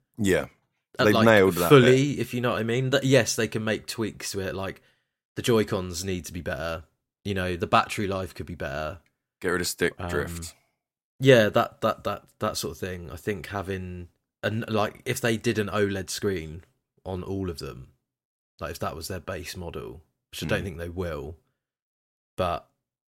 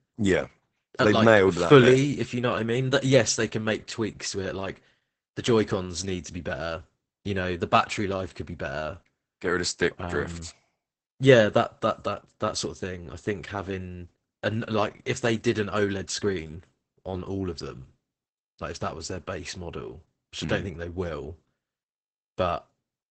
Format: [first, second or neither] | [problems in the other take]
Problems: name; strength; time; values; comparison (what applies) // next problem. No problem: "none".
first | garbled, watery; badly; nothing above 8 kHz